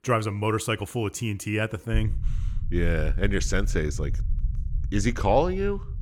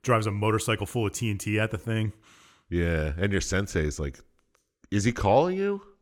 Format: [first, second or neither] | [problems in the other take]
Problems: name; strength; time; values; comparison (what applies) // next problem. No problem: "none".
second | low rumble; faint; from 2 s on; 20 dB below the speech